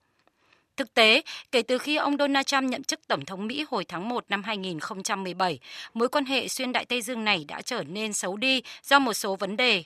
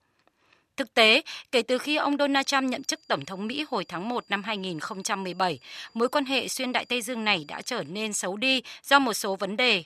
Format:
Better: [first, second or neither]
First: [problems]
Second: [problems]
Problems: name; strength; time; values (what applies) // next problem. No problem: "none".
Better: first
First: none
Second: high-pitched whine; faint; from 2.5 to 8 s; 5 kHz, 30 dB below the speech